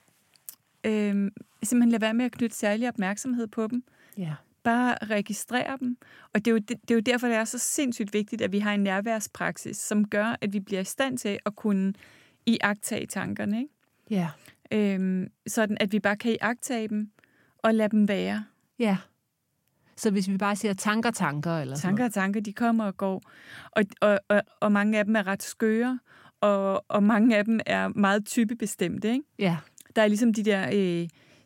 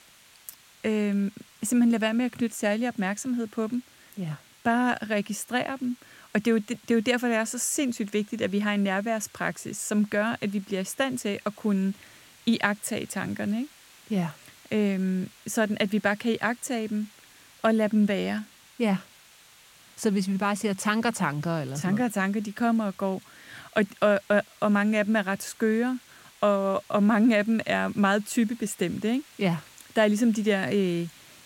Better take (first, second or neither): first